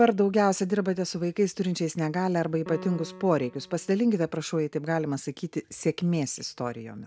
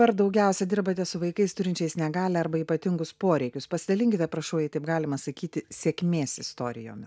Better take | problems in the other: second | background sound (Piano); 19 dB below the speech

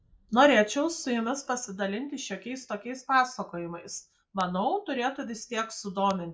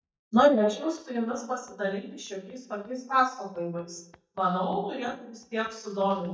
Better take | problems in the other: first | noise reduction (neural mask model DeepFilterNet 3)

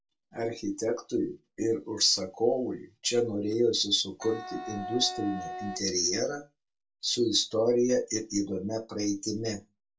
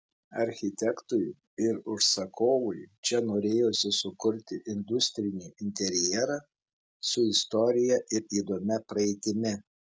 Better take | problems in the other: second | background sound (Wind instrument, woodwind instrument); 9 dB below the speech // room echo; dies away in 0.1 s

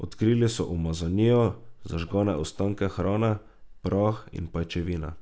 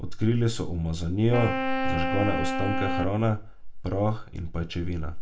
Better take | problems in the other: first | background sound (Wind instrument, woodwind instrument); 5 dB below the speech // room echo; dies away in 0.2 s

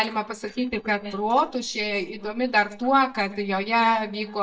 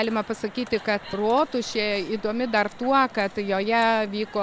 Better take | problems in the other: second | noise reduction (neural mask model DeepFilterNet 3)

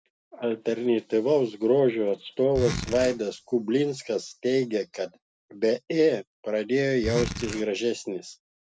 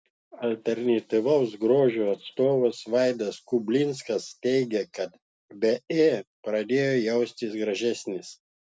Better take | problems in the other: second | background sound (Zipper (clothing)); 8 dB below the speech

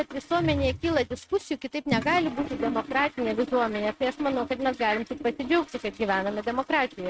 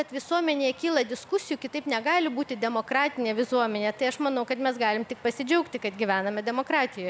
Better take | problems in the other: second | noise reduction (neural mask model RNNoise)

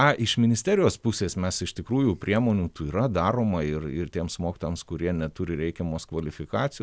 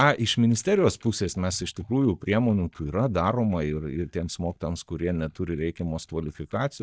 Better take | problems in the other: first | noise reduction (neural mask model DeepFilterNet 3)

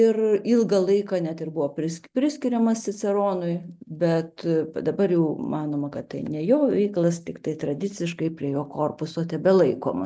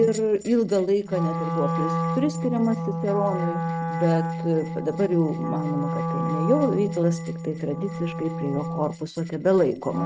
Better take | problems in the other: first | noise reduction (neural mask model RNNoise)

